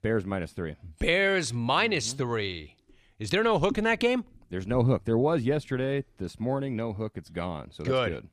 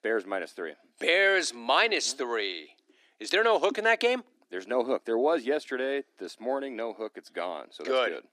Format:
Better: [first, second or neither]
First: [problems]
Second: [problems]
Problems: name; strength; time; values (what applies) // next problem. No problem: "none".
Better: first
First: none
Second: thin; somewhat; fading below 300 Hz